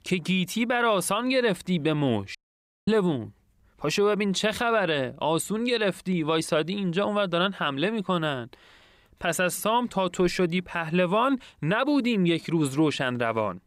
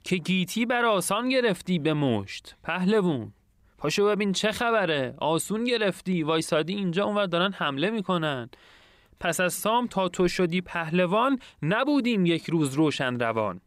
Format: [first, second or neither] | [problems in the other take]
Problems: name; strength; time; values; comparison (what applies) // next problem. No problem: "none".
second | audio cutting out; at 2.5 s for 0.5 s